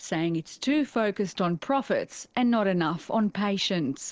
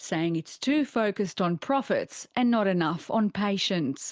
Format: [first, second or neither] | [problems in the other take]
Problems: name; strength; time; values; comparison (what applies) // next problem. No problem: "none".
second | noise reduction (neural separator model SepFormer DNS4)